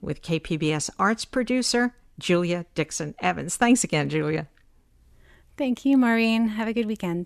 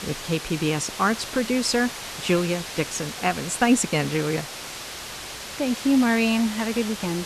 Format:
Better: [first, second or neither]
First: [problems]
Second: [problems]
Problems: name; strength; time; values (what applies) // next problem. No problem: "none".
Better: first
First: none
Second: hiss; loud; throughout; 9 dB below the speech